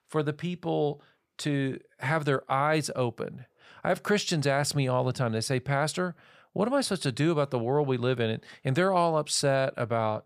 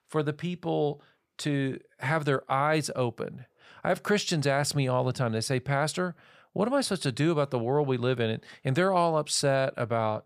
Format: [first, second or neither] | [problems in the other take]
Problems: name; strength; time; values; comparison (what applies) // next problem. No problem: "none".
neither | none